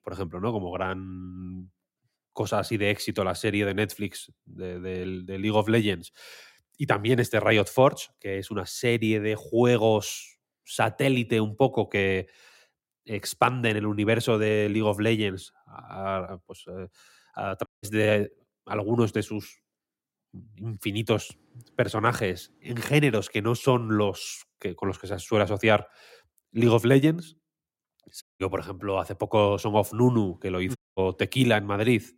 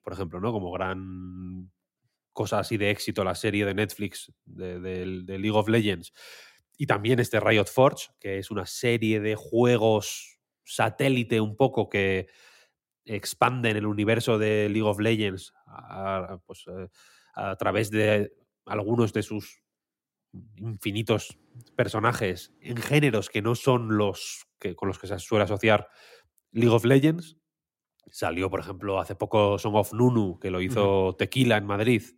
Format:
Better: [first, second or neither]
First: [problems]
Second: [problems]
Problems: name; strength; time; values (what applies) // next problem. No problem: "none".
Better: second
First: audio cutting out; at 18 s, at 28 s and at 31 s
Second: none